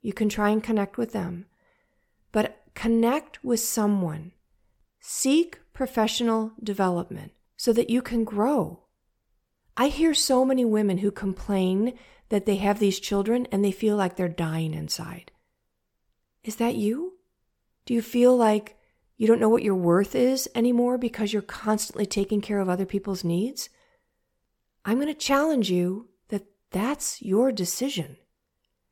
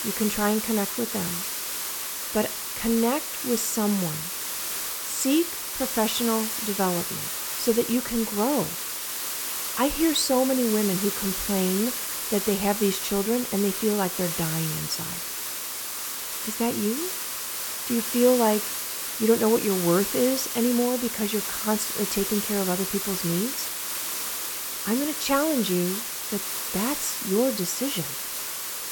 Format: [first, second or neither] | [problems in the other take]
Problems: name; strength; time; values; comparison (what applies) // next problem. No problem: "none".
first | hiss; loud; throughout; 2 dB below the speech